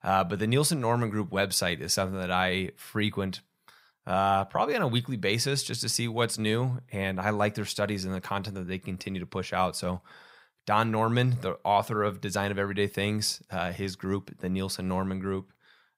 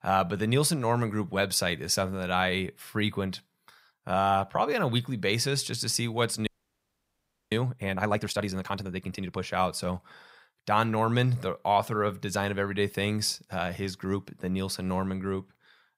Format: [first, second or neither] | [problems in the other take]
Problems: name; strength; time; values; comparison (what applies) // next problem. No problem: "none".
first | audio freezing; at 6.5 s for 1 s